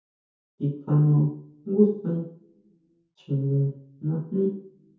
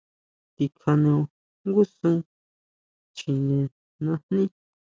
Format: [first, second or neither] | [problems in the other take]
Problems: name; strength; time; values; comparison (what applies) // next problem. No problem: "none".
second | room echo; dies away in 0.6 s